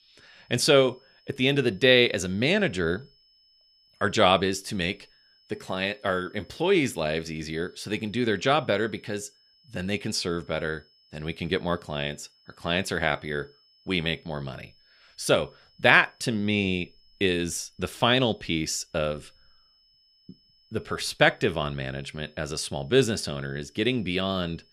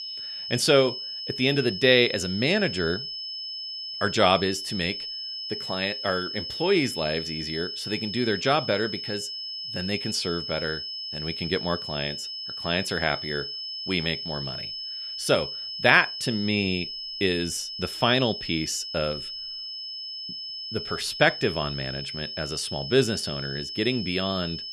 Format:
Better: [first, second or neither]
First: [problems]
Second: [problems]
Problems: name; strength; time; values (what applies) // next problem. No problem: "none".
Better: first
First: high-pitched whine; faint; throughout; 5 kHz, 35 dB below the speech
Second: high-pitched whine; loud; throughout; 5 kHz, 6 dB below the speech